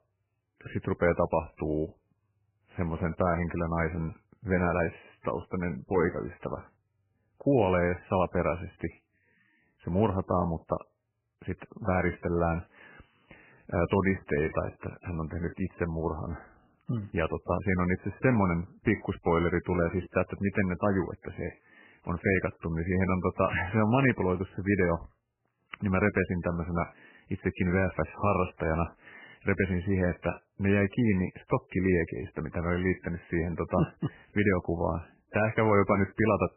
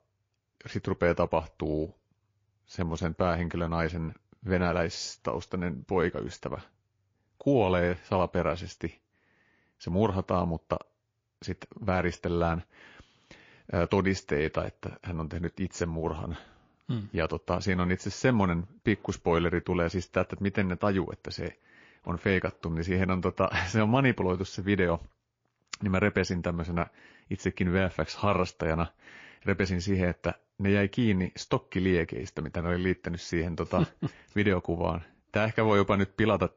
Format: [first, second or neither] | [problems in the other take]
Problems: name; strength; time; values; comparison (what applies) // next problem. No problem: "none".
second | garbled, watery; badly; nothing above 2.5 kHz; slightly in the second